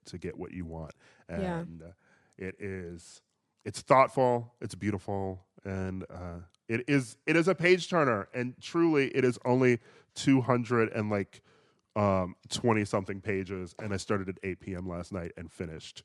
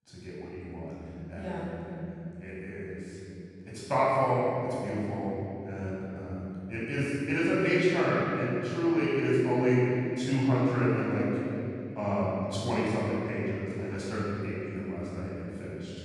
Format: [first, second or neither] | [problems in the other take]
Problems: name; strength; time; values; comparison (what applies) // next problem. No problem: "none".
first | off-mic speech; far // room echo; strong; dies away in 3 s